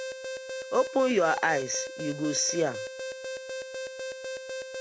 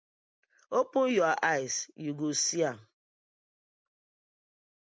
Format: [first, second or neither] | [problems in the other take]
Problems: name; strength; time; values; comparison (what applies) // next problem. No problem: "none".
second | background sound (Alarm); 6 dB below the speech